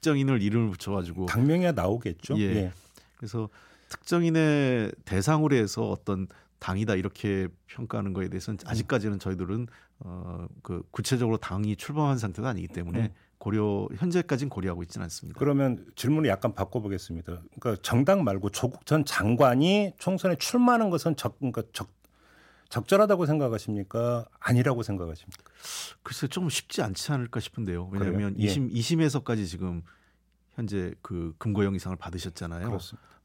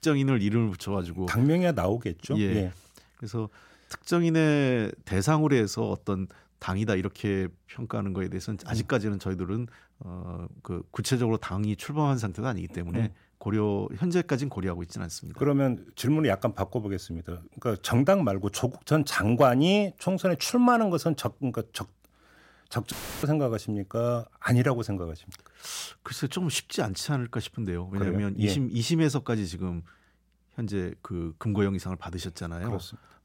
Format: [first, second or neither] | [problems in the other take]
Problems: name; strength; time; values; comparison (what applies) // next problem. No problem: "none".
first | audio cutting out; filled with static; at 23 s